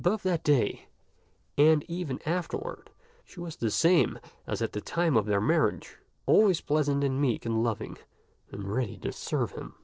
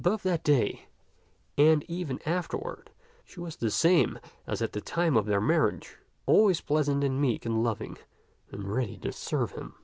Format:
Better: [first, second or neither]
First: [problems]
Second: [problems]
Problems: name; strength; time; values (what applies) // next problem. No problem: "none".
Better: second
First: noise reduction (neural separator model SepFormer DNS4)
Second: none